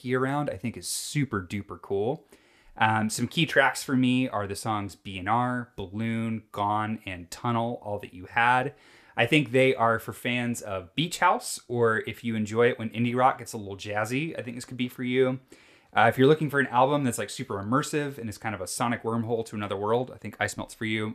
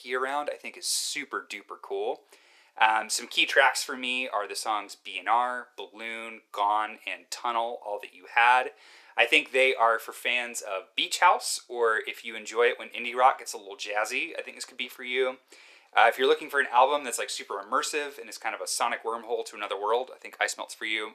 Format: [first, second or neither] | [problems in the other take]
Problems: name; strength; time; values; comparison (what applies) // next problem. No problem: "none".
first | thin; very; fading below 400 Hz